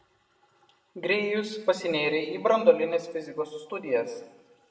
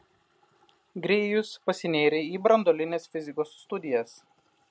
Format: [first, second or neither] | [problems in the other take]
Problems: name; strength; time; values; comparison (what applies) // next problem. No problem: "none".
second | room echo; dies away in 0.7 s